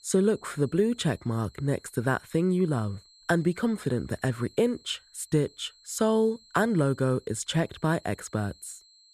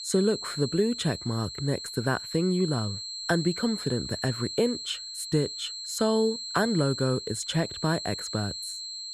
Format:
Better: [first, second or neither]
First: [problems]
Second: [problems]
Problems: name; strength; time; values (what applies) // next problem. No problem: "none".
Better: first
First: high-pitched whine; faint; throughout; 4 kHz, 25 dB below the speech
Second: high-pitched whine; loud; throughout; 4 kHz, 6 dB below the speech